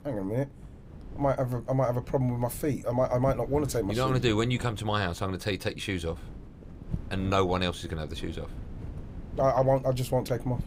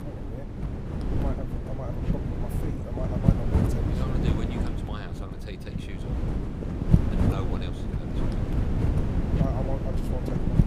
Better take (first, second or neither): first